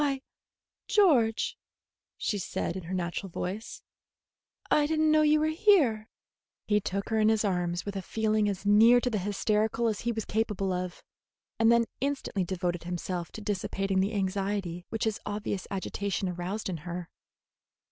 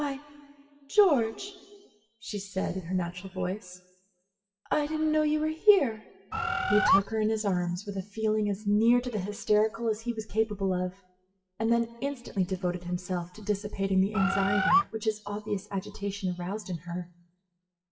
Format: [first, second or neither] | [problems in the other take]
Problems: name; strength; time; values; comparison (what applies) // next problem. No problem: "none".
first | noise reduction (classical method WPE with log-MMSE)